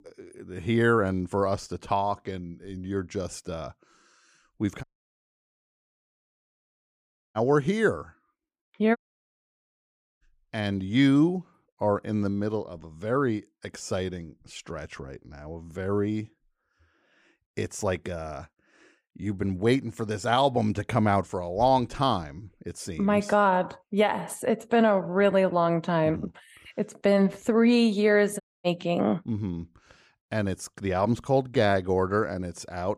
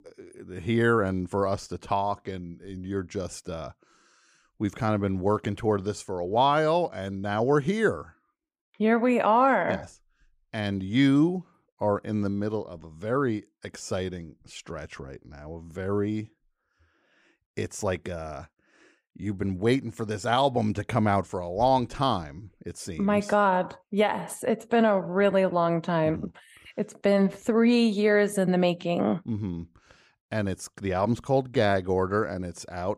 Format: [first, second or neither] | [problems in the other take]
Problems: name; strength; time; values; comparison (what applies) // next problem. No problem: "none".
second | audio cutting out; at 5 s for 2.5 s, at 9 s for 1 s and at 28 s